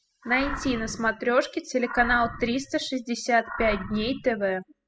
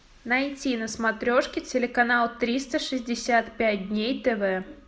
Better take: second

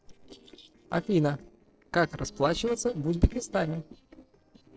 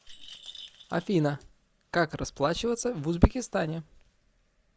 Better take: second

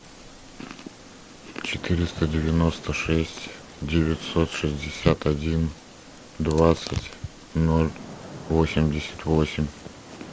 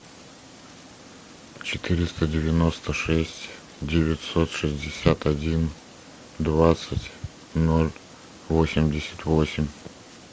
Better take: second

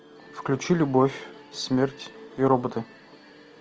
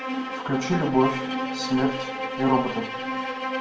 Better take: first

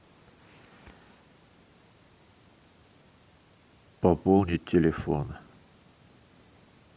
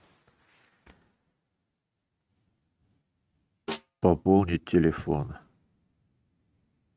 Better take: first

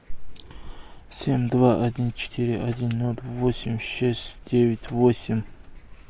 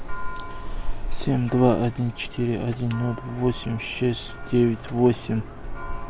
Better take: first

